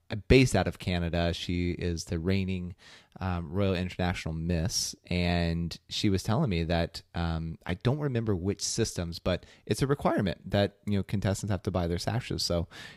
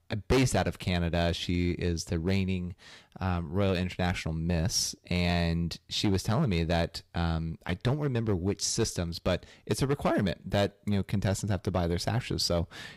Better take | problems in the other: first | distortion; slight; 5% of the sound clipped

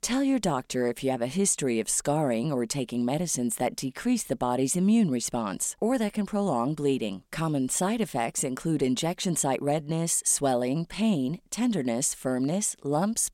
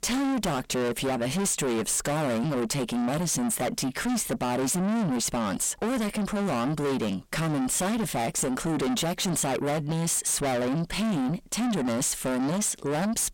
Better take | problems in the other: first | distortion; heavy; 5 dB below the speech

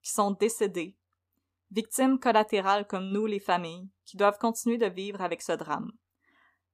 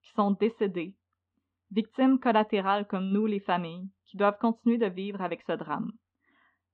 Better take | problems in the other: first | muffled; very; fading above 3.5 kHz

